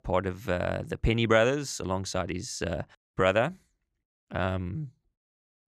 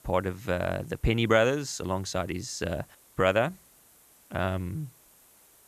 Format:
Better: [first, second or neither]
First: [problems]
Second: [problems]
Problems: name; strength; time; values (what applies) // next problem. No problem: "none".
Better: first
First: none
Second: hiss; faint; throughout; 25 dB below the speech